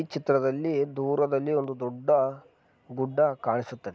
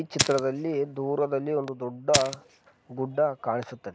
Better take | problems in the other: first | background sound (Fire); 5 dB below the speech

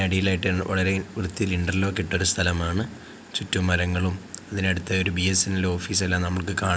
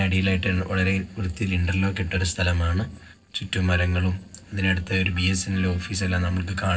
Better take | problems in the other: first | noise reduction (neural separator model SepFormer DNS4)

